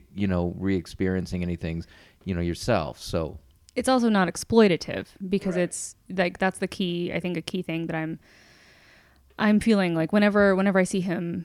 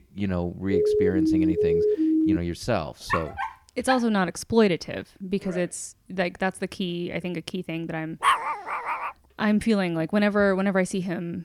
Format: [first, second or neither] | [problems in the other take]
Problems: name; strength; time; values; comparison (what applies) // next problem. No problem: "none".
first | siren; loud; from 0.5 to 2.5 s; peak 5 dB above the speech // dog barking; noticeable; at 3 s; peak 2 dB below the speech // dog barking; loud; at 8 s; peak 4 dB above the speech